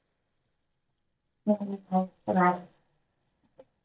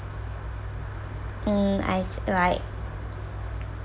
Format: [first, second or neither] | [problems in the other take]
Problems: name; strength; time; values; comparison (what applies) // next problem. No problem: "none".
second | noise reduction (neural mask model DeepFilterNet 3)